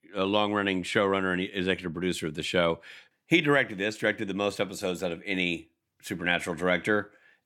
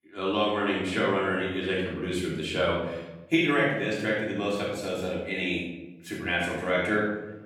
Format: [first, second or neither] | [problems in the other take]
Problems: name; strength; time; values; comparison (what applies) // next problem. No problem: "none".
first | off-mic speech; far // room echo; noticeable; dies away in 1 s